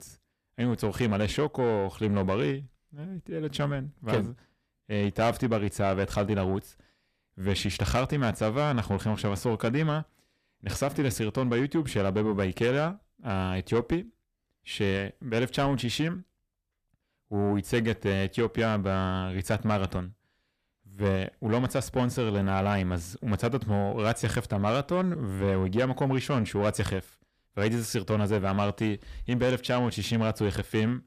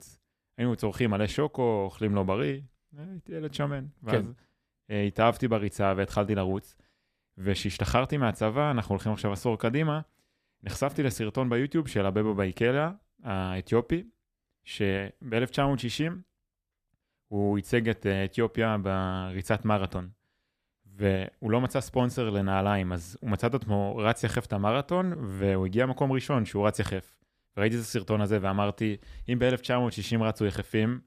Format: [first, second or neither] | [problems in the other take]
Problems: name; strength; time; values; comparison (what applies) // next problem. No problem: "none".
second | distortion; slight; 10 dB below the speech